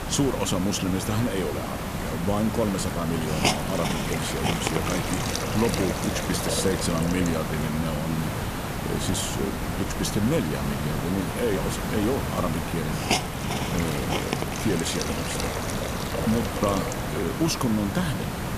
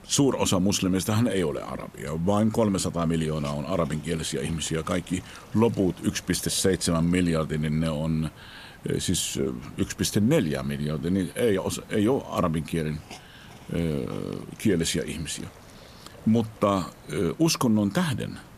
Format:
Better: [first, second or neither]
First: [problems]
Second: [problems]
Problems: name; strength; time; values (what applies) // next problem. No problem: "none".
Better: second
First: hiss; loud; throughout; 1 dB below the speech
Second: hiss; faint; throughout; 20 dB below the speech